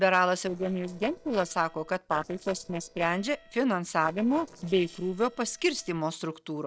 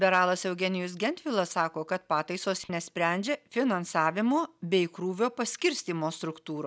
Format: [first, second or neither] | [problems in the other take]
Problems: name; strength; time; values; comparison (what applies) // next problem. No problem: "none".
second | noise reduction (neural separator model SepFormer DNS4)